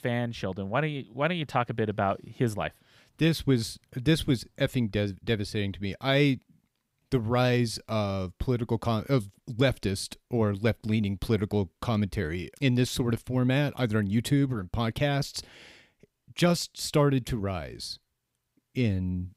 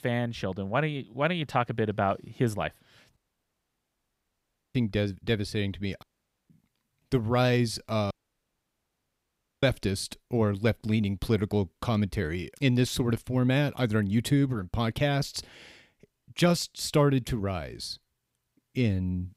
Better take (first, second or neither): first